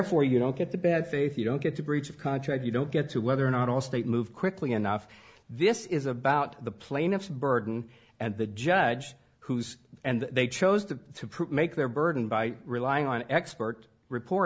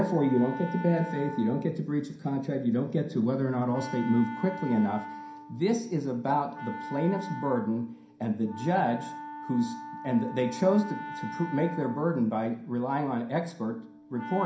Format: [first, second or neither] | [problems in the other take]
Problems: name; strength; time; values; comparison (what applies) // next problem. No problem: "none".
first | background sound (Wind instrument, woodwind instrument); 13 dB below the speech // room echo; dies away in 0.5 s